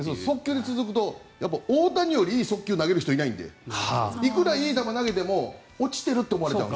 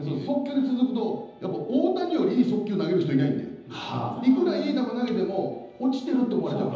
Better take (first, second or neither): first